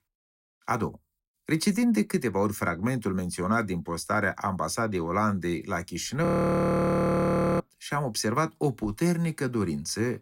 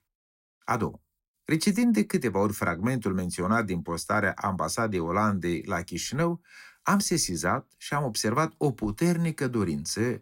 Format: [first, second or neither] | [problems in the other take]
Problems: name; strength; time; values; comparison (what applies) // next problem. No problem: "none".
second | audio freezing; at 6.5 s for 1.5 s